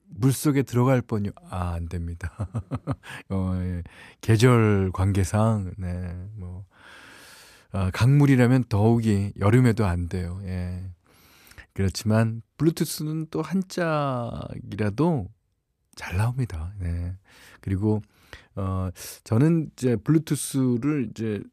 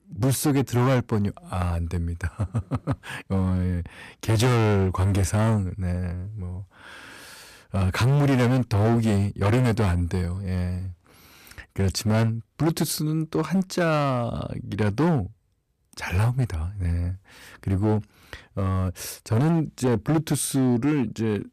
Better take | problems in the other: first | distortion; heavy; 12% of the sound clipped

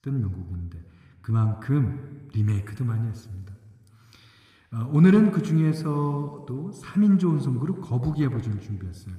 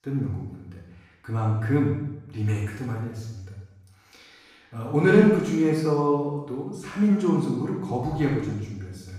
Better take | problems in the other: first | room echo; strong; dies away in 0.8 s; slight in the first // off-mic speech; far

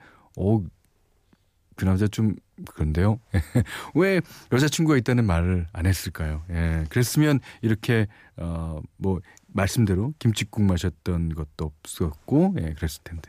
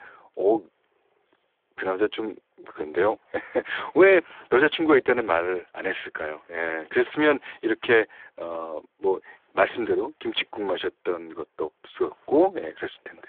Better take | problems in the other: first | phone-call audio; poor line; nothing above 3.5 kHz

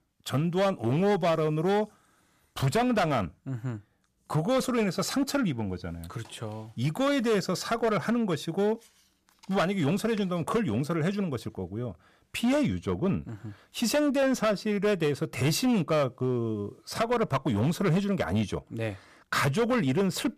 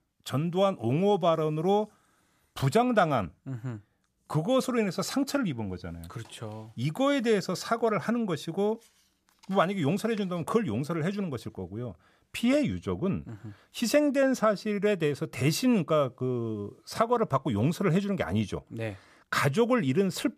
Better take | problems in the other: second | distortion; slight; 9% of the sound clipped

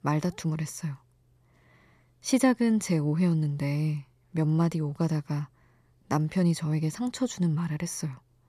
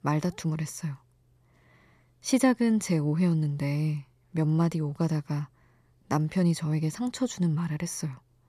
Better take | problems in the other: neither | none

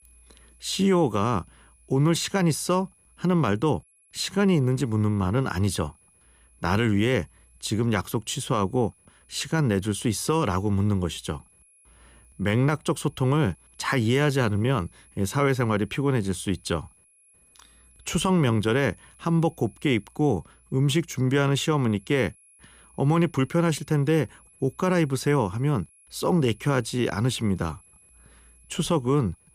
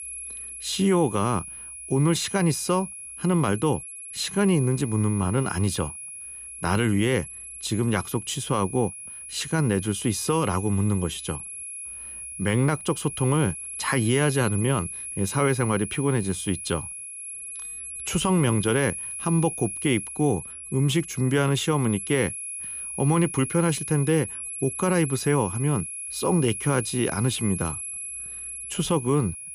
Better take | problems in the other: first | high-pitched whine; loud; throughout; 10.5 kHz, 8 dB below the speech; faint in the first

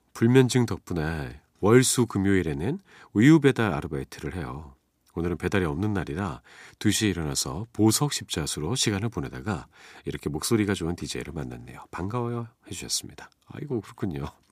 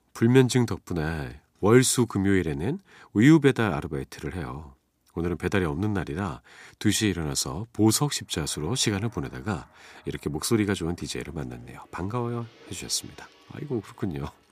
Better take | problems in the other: first | background music; faint; from 8.5 s on; 30 dB below the speech

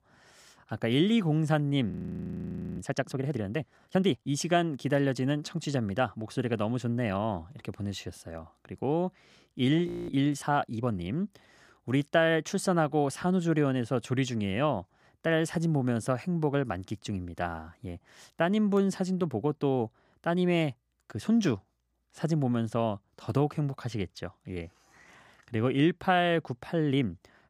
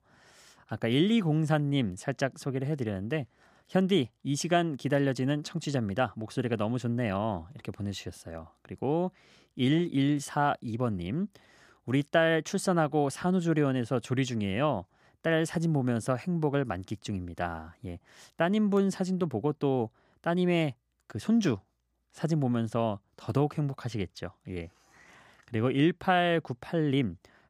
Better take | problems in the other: second | audio freezing; at 2 s for 1 s and at 10 s

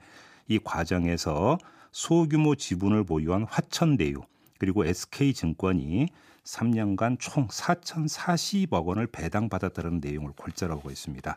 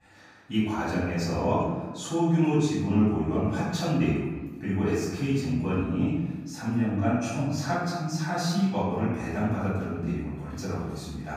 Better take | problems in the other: first | off-mic speech; far // room echo; strong; dies away in 1.2 s

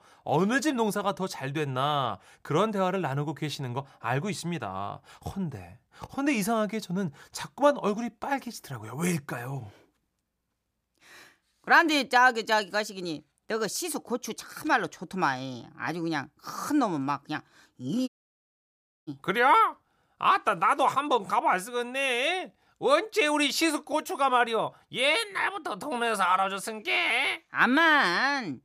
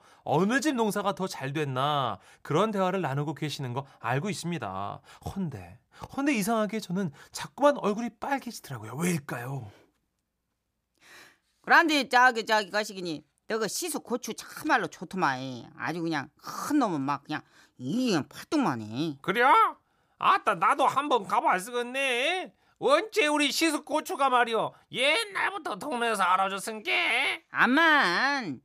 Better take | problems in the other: second | audio cutting out; at 18 s for 1 s

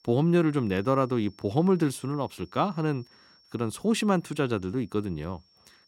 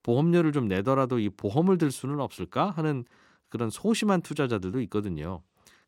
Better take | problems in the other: second | high-pitched whine; faint; throughout; 5.5 kHz, 30 dB below the speech

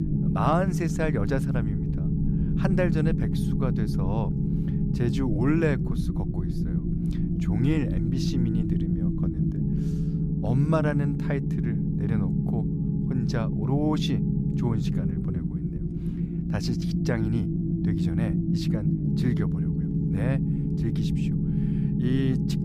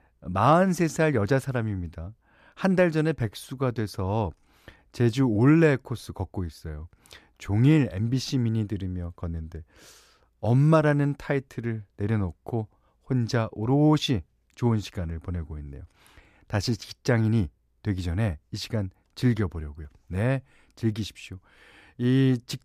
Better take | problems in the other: second | low rumble; loud; throughout; 2 dB below the speech

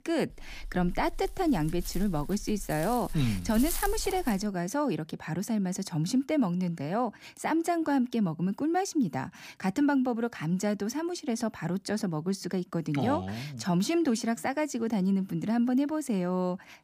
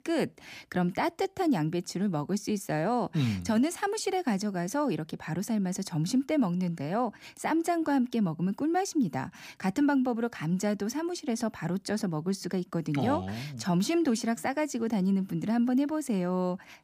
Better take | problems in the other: second | dog barking; noticeable; until 4.5 s; peak 4 dB below the speech

